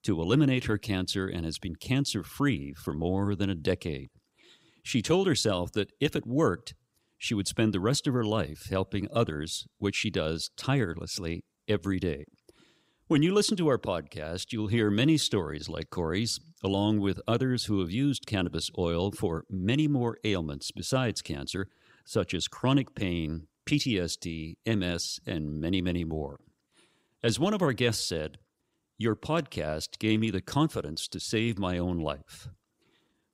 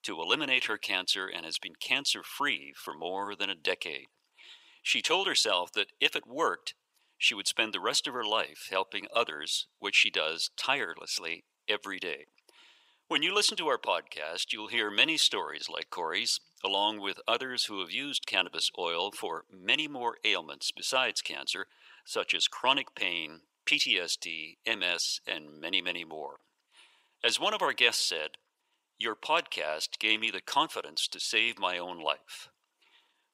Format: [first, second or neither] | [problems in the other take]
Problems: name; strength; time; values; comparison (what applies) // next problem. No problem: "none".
first | thin; very; fading below 700 Hz